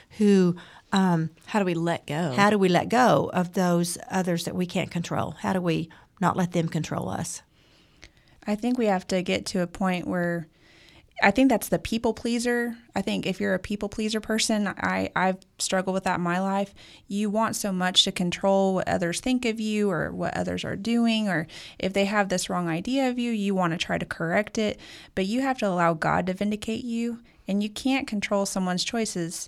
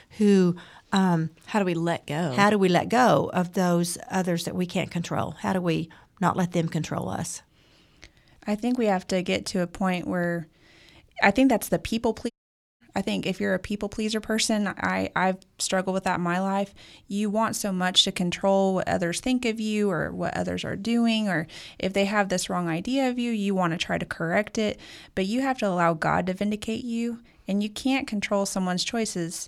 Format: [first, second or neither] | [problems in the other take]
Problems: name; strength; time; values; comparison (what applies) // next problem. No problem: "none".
first | audio cutting out; at 12 s for 0.5 s